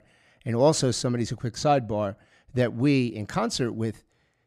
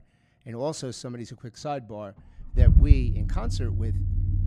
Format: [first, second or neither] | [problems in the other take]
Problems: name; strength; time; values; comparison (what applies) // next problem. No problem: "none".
first | low rumble; loud; throughout; 4 dB below the speech